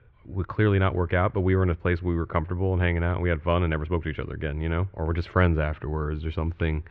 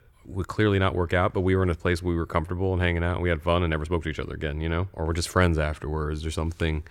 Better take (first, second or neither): second